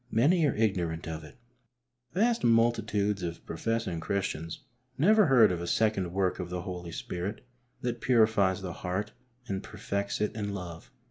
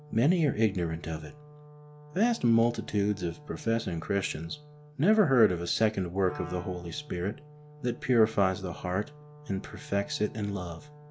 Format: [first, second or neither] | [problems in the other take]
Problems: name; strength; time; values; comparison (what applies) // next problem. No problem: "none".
first | background sound (Wind instrument, woodwind instrument); 19 dB below the speech